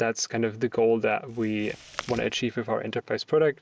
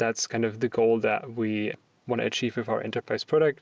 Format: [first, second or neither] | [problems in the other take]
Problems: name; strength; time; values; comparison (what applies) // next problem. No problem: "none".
second | background sound (Chewing, mastication); 16 dB below the speech